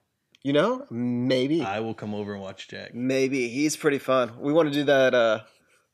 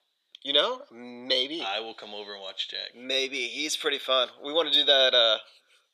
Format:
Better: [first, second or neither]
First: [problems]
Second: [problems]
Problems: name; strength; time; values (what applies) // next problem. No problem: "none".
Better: first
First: none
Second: thin; somewhat; fading below 550 Hz